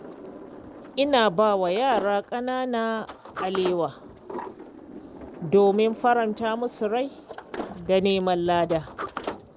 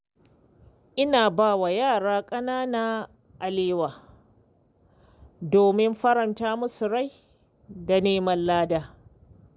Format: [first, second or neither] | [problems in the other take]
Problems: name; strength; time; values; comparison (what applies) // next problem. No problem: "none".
second | background sound (Sliding door); 14 dB below the speech